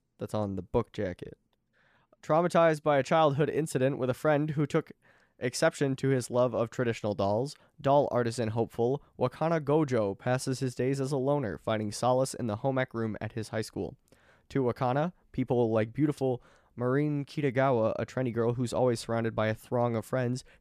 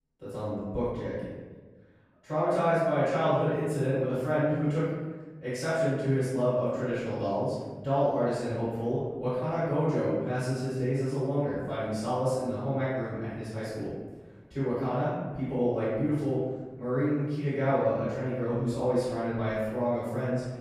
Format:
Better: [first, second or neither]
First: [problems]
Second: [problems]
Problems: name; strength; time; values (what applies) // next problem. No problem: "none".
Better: first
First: none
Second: off-mic speech; far // room echo; strong; dies away in 1.2 s